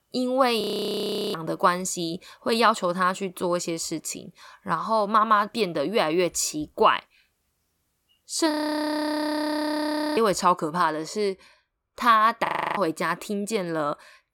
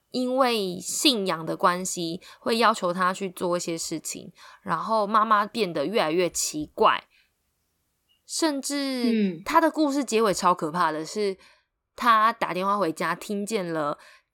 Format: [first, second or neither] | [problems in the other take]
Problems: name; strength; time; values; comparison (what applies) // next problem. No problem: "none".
second | audio freezing; at 0.5 s for 0.5 s, at 8.5 s for 1.5 s and at 12 s